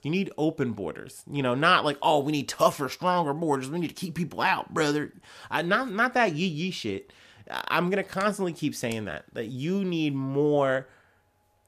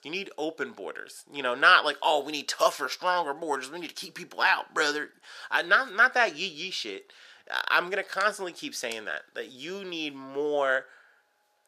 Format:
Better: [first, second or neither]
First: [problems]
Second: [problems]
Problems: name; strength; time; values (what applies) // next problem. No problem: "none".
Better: first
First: none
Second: thin; very; fading below 500 Hz